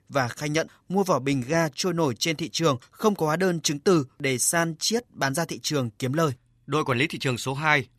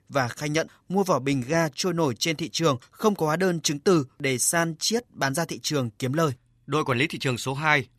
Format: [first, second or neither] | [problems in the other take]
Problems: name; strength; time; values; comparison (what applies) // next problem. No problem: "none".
neither | none